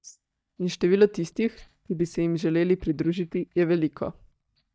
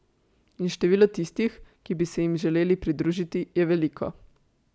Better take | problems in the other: second | noise reduction (neural mask model DeepFilterNet 3)

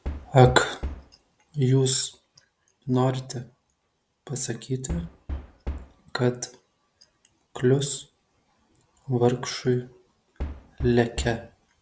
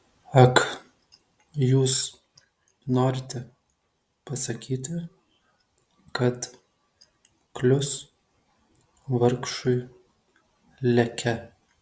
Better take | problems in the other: second | background sound (Knock); 8 dB below the speech

